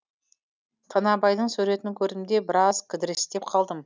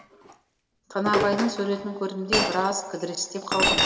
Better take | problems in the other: first | background sound (Chink, clink); as loud as the speech // room echo; dies away in 2.8 s

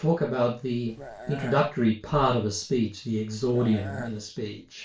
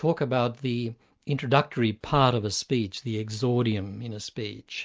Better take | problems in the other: second | background sound (Burping, eructation); 13 dB below the speech // room echo; dies away in 0.2 s

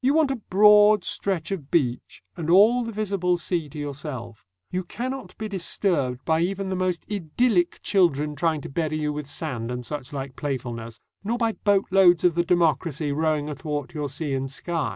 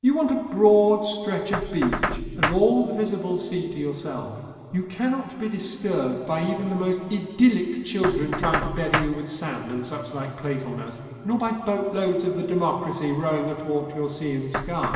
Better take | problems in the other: first | background sound (Knock); 10 dB below the speech // room echo; dies away in 2.7 s

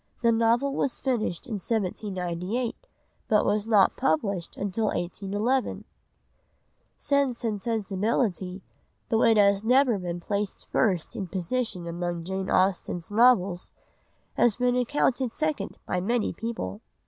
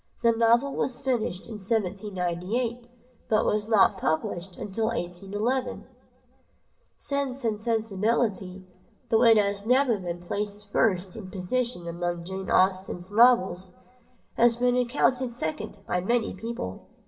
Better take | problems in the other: first | room echo; dies away in 0.8 s

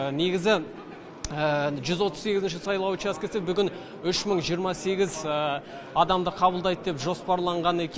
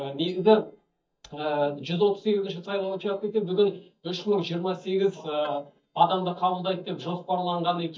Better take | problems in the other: first | noise reduction (neural mask model DeepFilterNet 3)

